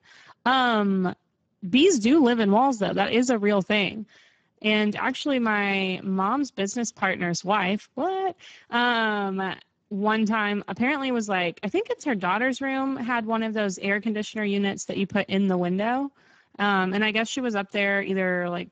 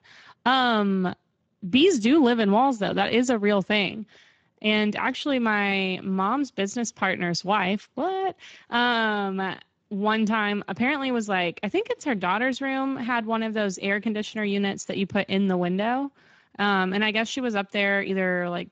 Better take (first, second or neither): second